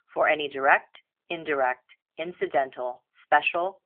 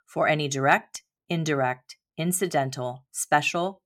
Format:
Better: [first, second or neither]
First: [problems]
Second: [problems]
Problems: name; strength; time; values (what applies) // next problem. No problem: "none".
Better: second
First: phone-call audio; nothing above 3 kHz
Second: none